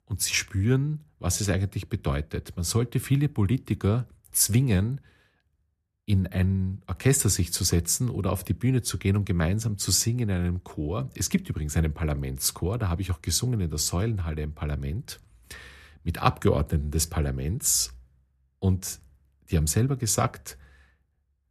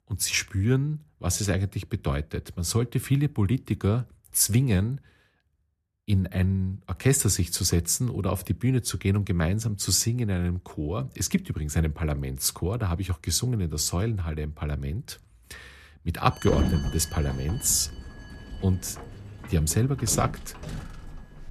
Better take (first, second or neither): first